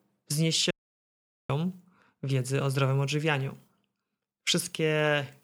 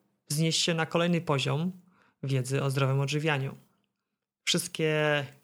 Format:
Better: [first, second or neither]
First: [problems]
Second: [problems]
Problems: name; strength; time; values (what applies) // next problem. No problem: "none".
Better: second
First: audio cutting out; at 0.5 s for 1 s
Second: none